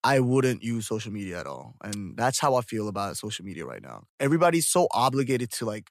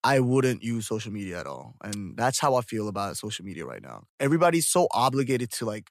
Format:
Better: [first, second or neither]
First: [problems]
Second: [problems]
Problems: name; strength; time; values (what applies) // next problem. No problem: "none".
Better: neither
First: none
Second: none